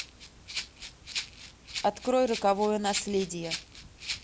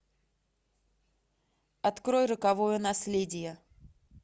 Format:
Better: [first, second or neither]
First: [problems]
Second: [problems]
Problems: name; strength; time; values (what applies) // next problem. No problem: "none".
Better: second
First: background sound (Rattle (instrument)); 9 dB below the speech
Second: none